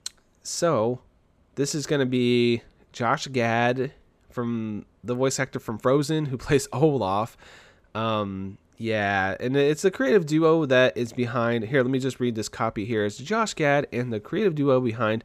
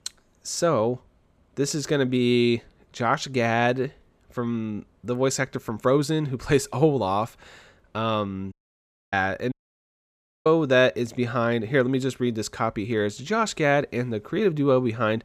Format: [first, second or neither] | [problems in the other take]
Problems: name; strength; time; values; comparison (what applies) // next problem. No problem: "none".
first | audio cutting out; at 8.5 s for 0.5 s and at 9.5 s for 1 s